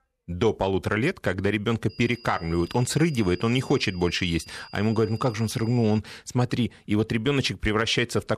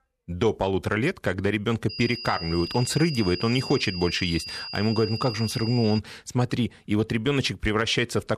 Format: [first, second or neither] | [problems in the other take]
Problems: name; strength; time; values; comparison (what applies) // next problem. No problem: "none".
first | high-pitched whine; loud; from 2 to 6 s; 5 kHz, 8 dB below the speech; faint in the first